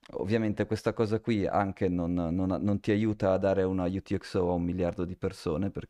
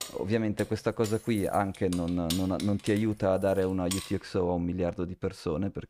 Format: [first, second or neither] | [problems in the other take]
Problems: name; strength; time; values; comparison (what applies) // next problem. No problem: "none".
first | jangling keys; noticeable; until 4 s; peak 6 dB below the speech